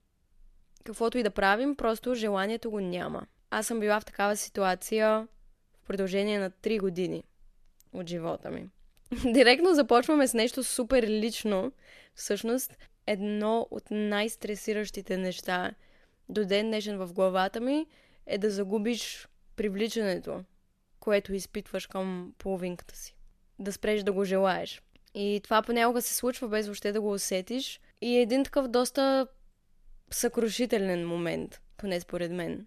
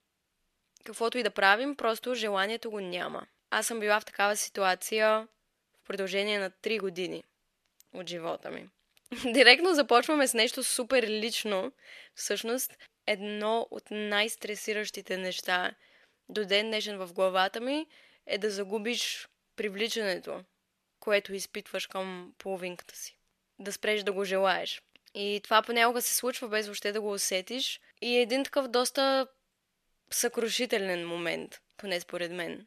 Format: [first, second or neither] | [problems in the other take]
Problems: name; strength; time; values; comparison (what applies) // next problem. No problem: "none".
first | thin; very slightly; fading below 550 Hz